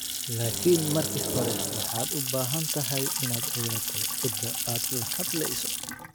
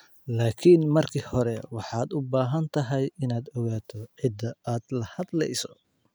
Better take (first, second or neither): second